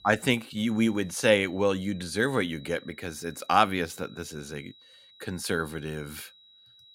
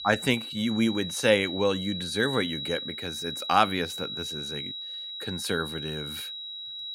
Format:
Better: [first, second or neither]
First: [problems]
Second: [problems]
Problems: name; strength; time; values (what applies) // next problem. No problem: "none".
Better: first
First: high-pitched whine; faint; throughout; 4 kHz, 25 dB below the speech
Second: high-pitched whine; loud; throughout; 4 kHz, 6 dB below the speech